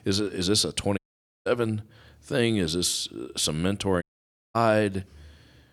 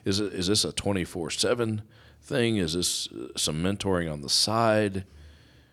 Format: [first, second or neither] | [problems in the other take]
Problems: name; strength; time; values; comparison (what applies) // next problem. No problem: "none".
second | audio cutting out; at 1 s and at 4 s for 0.5 s